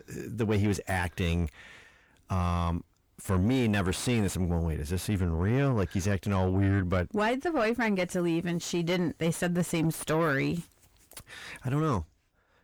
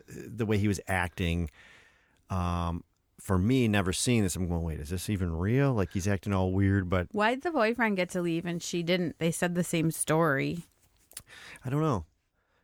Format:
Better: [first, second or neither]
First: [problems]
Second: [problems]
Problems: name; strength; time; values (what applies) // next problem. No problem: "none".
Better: second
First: distortion; slight; 10 dB below the speech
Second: none